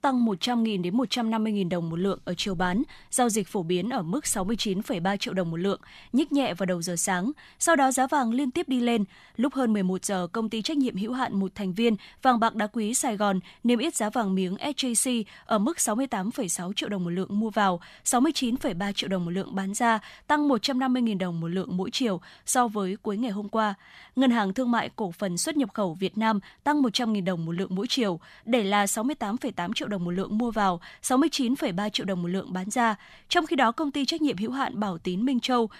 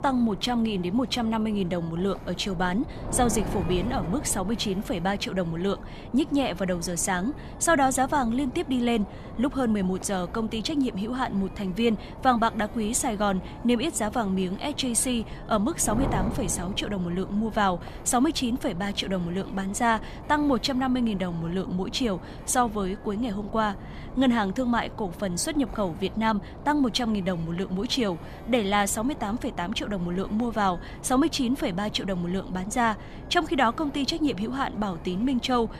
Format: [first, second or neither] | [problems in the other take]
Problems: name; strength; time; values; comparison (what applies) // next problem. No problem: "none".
first | wind noise on the microphone; occasional gusts; 15 dB below the speech